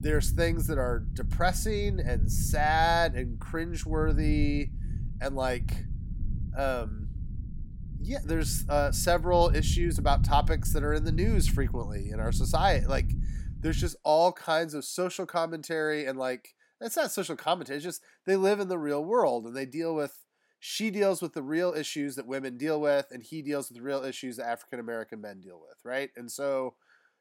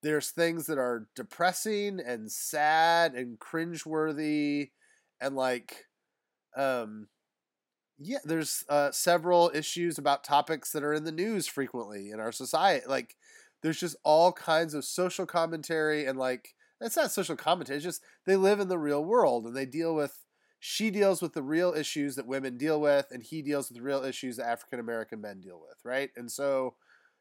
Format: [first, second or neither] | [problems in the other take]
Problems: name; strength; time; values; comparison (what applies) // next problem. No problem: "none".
second | low rumble; noticeable; until 14 s; 15 dB below the speech